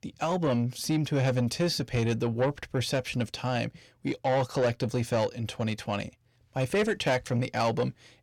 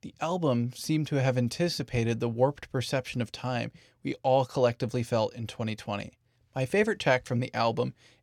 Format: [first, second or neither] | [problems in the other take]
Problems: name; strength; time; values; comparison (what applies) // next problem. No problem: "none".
second | distortion; slight; 10 dB below the speech